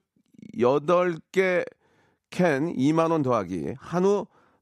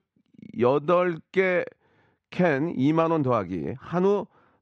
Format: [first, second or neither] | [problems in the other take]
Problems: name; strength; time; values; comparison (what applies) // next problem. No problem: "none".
first | muffled; slightly; fading above 3 kHz